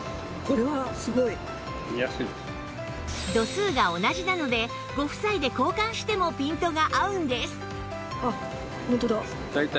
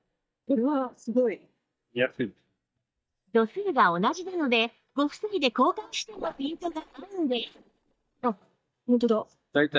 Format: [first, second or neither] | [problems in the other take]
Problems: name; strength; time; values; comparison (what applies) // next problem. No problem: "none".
first | noise reduction (neural mask model DeepFilterNet 3)